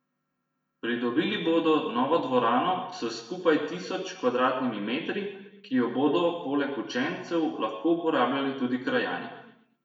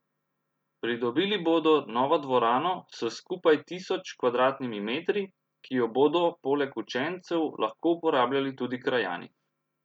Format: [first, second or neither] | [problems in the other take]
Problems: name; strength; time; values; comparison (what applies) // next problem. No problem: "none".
second | room echo; dies away in 0.9 s